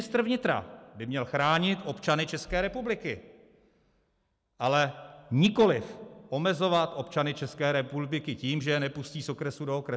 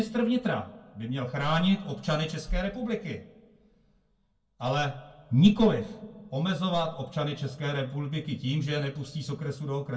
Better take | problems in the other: first | room echo; dies away in 0.2 s

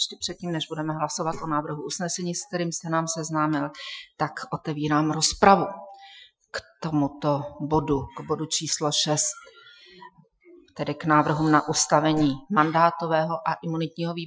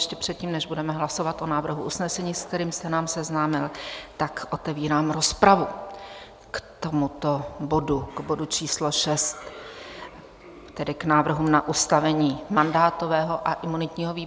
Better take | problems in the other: second | noise reduction (classical method Wiener filter)

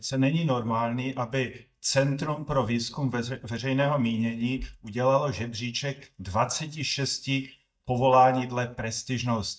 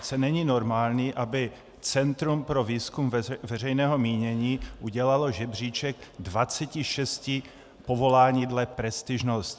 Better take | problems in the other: second | noise reduction (neural mask model DeepFilterNet 3)

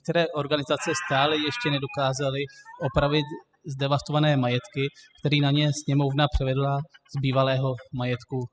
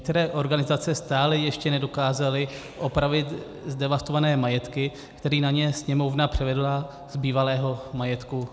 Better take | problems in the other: second | noise reduction (classical method spectral subtraction)

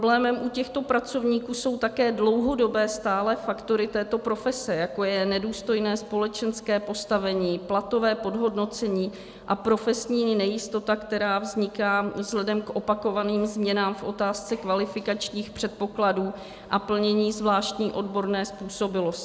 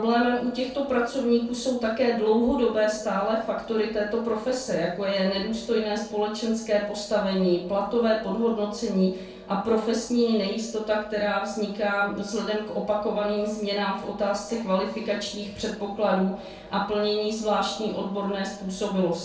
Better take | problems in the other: first | room echo; dies away in 0.3 s

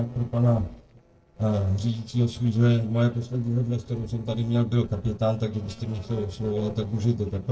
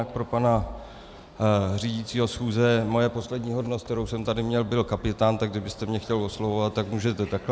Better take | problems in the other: second | noise reduction (neural separator model SepFormer DNS4)

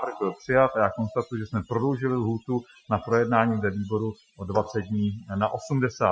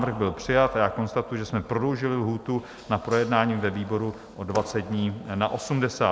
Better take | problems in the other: second | noise reduction (classical method Wiener filter)

